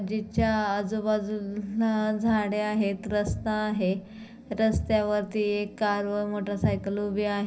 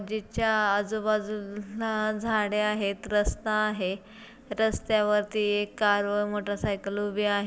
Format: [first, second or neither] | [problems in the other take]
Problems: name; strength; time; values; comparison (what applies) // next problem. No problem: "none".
second | room echo; dies away in 0.5 s